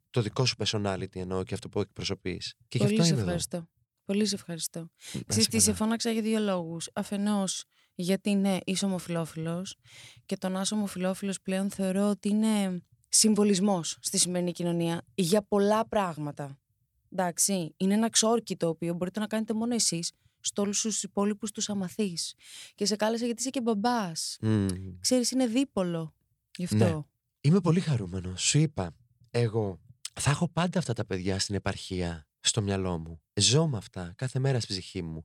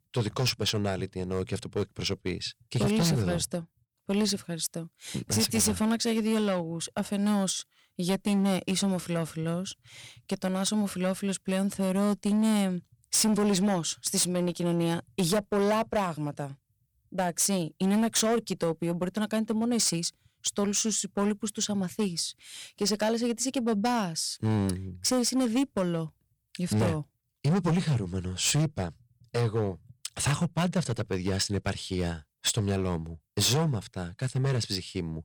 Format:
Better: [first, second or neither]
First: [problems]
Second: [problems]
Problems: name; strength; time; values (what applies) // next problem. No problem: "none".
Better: first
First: none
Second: distortion; slight; 8% of the sound clipped